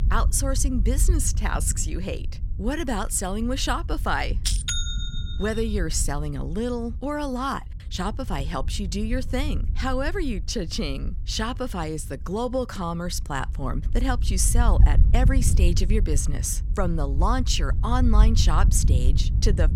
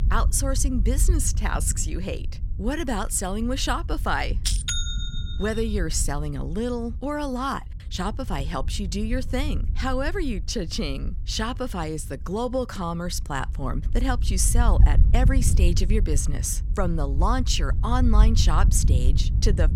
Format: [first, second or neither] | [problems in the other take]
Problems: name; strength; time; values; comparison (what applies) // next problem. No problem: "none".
neither | wind noise on the microphone; occasional gusts; 15 dB below the speech; the same in both